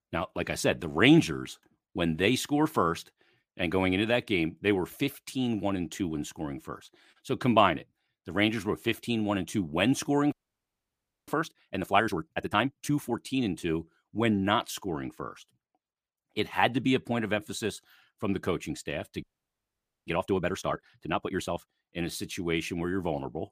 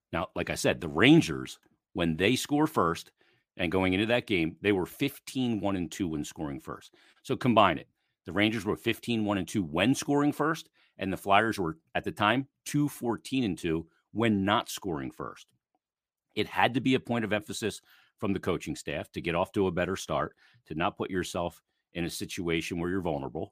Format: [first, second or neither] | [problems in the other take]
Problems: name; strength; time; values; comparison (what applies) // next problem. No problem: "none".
second | audio freezing; at 10 s for 1 s and at 19 s for 1 s